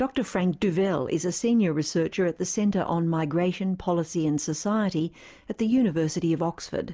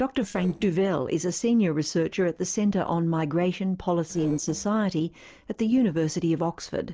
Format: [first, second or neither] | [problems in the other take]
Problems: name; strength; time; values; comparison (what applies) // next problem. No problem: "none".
first | noise reduction (neural separator model SepFormer DNS4)